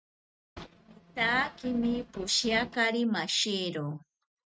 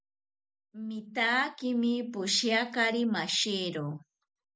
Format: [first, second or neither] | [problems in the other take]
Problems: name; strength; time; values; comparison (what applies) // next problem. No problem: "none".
second | noise reduction (neural mask model RNNoise)